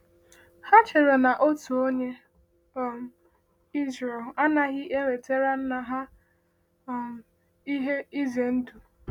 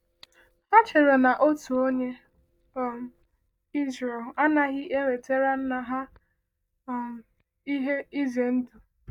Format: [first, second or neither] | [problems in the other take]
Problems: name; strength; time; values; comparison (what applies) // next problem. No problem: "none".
first | noise reduction (neural mask model DeepFilterNet 3)